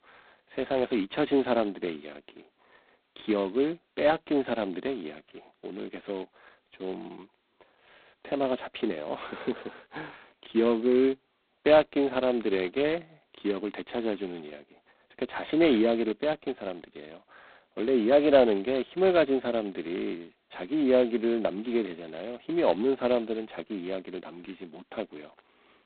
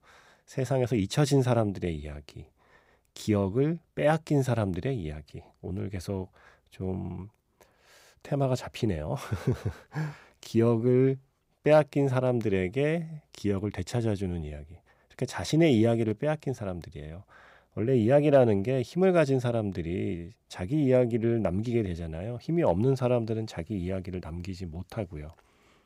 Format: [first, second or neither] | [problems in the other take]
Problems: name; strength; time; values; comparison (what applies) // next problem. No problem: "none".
second | phone-call audio; poor line; nothing above 4 kHz